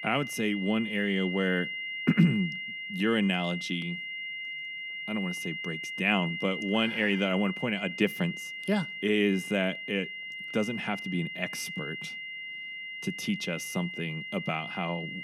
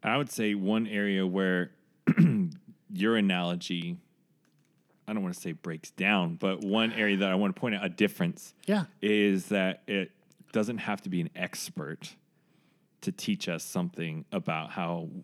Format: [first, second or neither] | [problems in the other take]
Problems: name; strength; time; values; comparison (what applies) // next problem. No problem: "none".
second | high-pitched whine; loud; throughout; 2 kHz, 6 dB below the speech